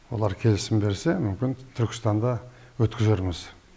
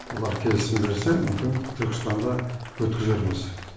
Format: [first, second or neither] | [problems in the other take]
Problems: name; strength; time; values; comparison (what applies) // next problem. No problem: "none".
first | background sound (Applause); 14 dB below the speech // room echo; dies away in 0.9 s